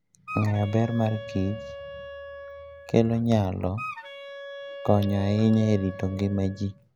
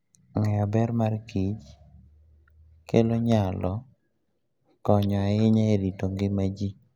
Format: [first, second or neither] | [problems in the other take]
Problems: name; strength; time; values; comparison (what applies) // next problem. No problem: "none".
second | background sound (Wind instrument, woodwind instrument); 14 dB below the speech